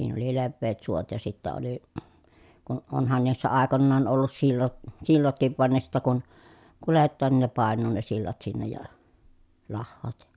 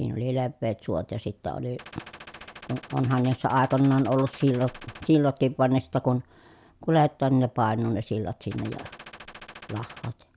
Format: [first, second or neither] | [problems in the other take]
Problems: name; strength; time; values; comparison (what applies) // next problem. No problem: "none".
first | background sound (Gunshot, gunfire); 19 dB below the speech